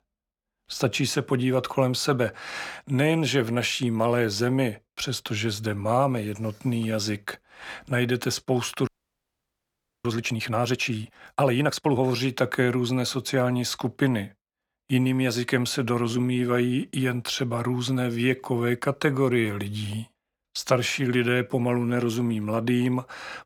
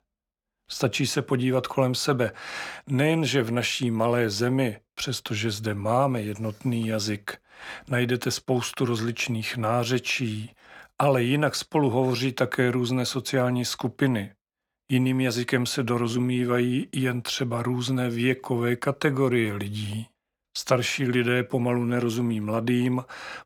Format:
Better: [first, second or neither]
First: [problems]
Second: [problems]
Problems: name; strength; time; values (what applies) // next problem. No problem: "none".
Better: second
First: audio freezing; at 9 s for 1 s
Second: none